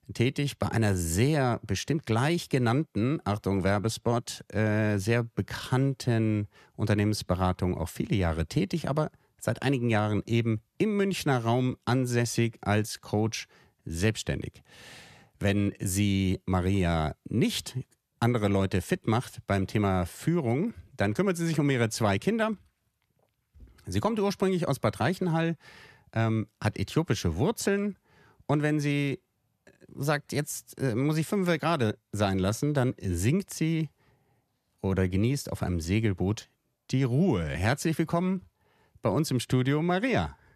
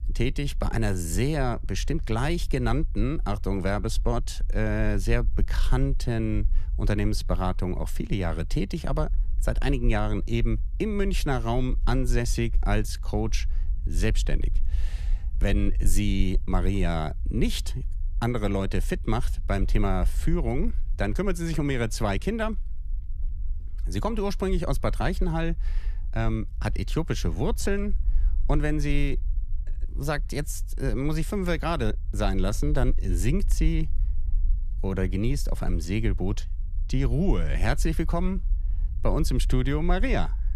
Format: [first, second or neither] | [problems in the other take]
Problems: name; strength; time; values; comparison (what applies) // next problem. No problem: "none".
first | low rumble; faint; throughout; 25 dB below the speech